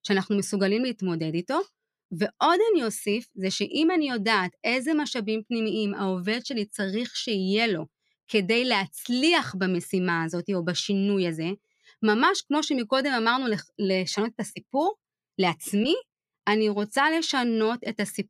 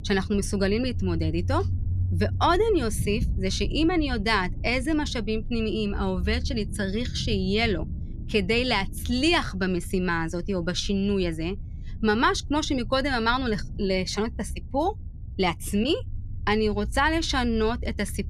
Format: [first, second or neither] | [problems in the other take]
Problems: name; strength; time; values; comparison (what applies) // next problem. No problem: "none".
first | low rumble; faint; throughout; 20 dB below the speech